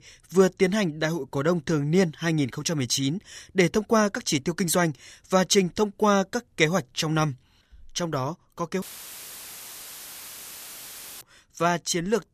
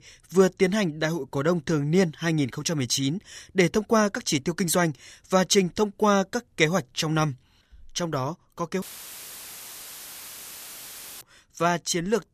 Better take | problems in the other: neither | audio cutting out; filled with static; at 9 s for 2.5 s; the same in both

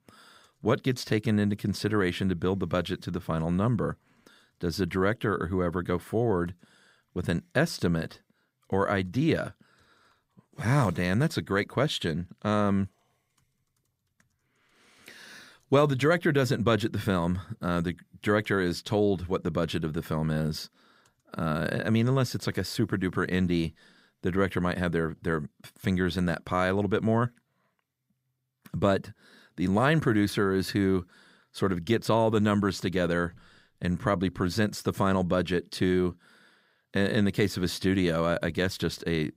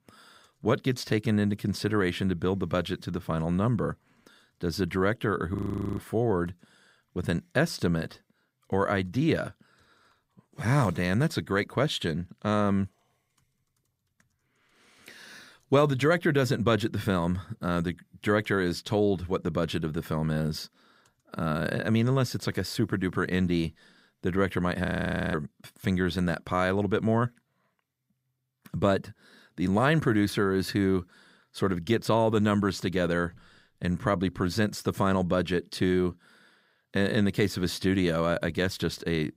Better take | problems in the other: first | audio freezing; at 5.5 s and at 25 s

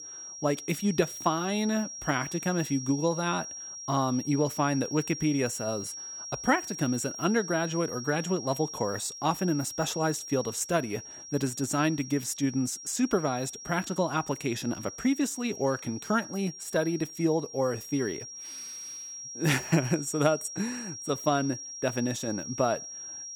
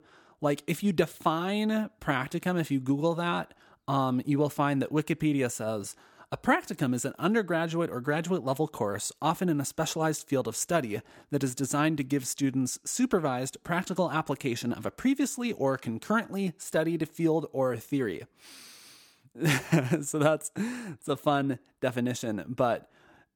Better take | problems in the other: second | high-pitched whine; loud; throughout; 5.5 kHz, 9 dB below the speech

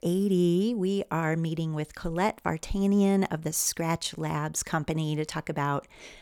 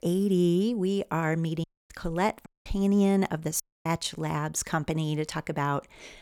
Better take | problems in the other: first | audio cutting out; at 1.5 s, at 2.5 s and at 3.5 s

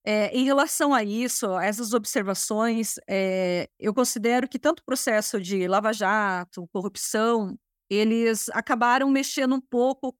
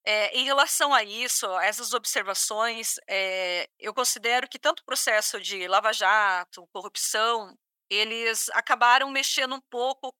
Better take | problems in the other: first | thin; very; fading below 850 Hz

